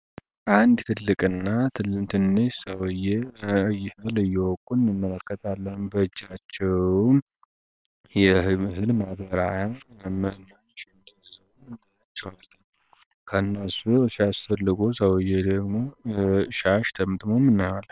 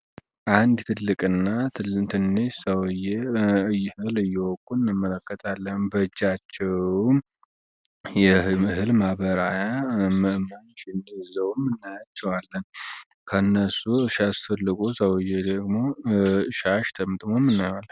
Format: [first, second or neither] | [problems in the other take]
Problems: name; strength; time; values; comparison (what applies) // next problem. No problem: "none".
second | noise reduction (neural separator model SepFormer WHAM!)